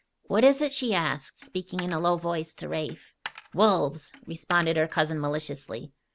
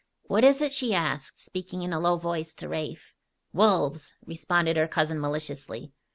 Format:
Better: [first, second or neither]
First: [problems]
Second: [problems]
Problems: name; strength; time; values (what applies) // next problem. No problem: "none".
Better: second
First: background sound (Coin (dropping)); 18 dB below the speech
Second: none